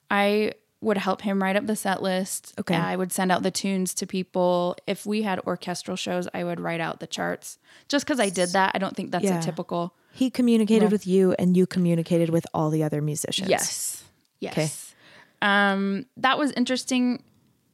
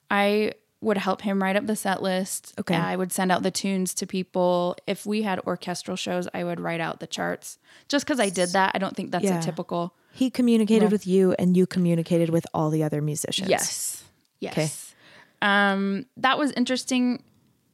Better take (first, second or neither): neither